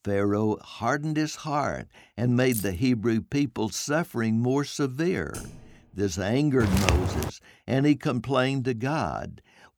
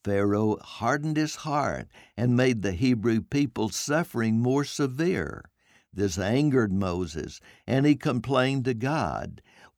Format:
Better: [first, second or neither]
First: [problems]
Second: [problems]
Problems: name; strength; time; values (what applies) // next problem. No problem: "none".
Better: second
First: jangling keys; noticeable; at 2.5 s; peak 8 dB below the speech // keyboard typing; faint; at 5.5 s; peak 15 dB below the speech // footsteps; loud; at 6.5 s; peak 2 dB above the speech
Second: none